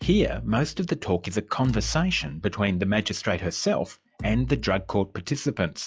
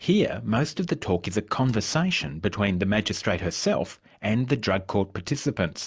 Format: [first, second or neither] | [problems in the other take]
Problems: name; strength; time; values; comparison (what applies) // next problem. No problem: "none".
second | noise reduction (classical method log-MMSE)